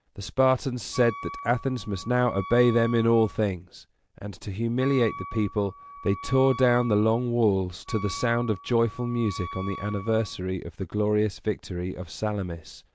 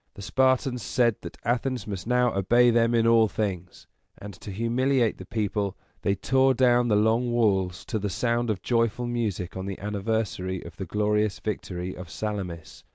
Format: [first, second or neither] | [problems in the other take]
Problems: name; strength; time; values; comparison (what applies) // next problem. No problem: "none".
second | background sound (Wind instrument, woodwind instrument); 14 dB below the speech